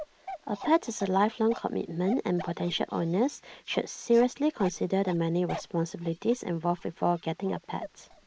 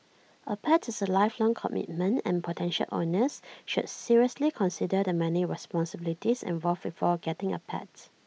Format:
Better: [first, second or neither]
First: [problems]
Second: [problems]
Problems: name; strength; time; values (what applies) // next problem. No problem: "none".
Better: second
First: noise reduction (neural mask model Resemble Enhance denoiser)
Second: none